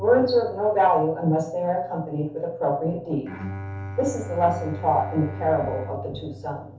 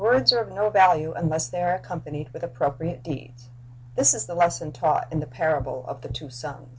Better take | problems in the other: second | background sound (Bowed string instrument); 13 dB below the speech // room echo; dies away in 0.5 s

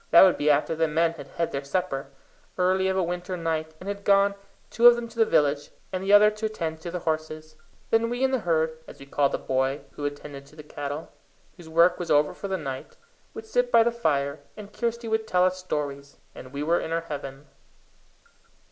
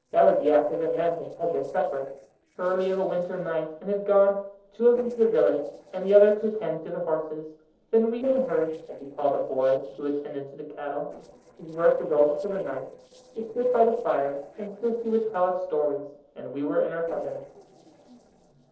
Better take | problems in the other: first | noise reduction (neural separator model SepFormer DNS4)

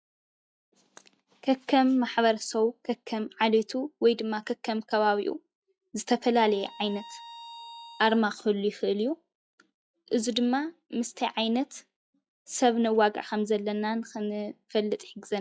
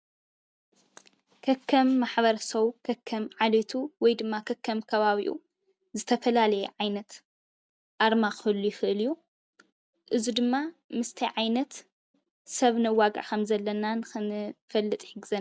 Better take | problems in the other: second | noise reduction (classical method log-MMSE)

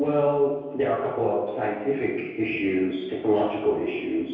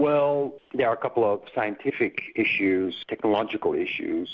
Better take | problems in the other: second | room echo; dies away in 1.2 s

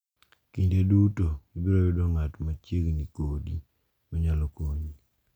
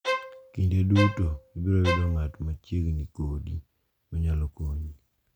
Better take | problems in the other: first | background sound (Bowed string instrument); 6 dB below the speech

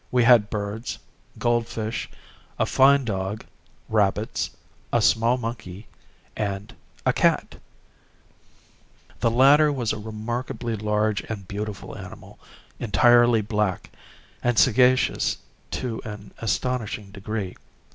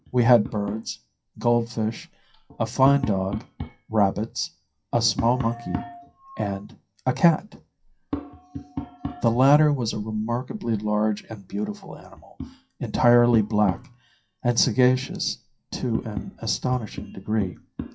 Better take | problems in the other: first | noise reduction (classical method WPE with log-MMSE)

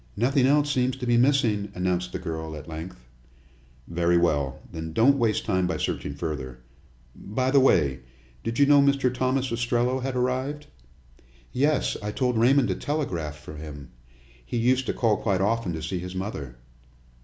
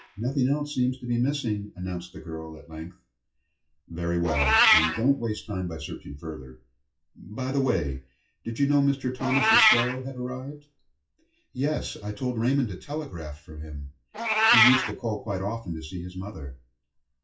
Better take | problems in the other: first | noise reduction (classical method WPE with log-MMSE)

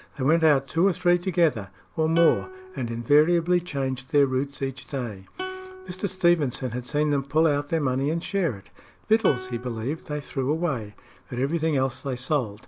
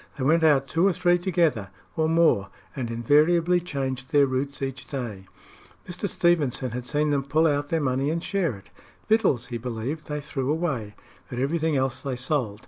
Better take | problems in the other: second | background sound (Plucked string instrument); 17 dB below the speech

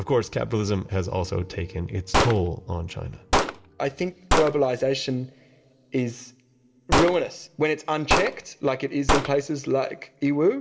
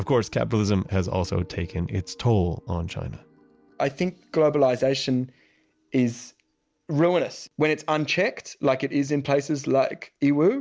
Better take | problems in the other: second | background sound (Gunshot, gunfire); 1 dB below the speech // room echo; dies away in 0.5 s

